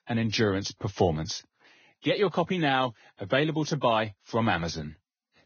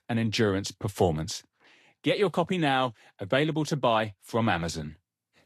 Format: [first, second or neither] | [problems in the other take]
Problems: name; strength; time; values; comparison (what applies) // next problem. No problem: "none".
second | garbled, watery; badly; nothing above 6.5 kHz; slightly in the second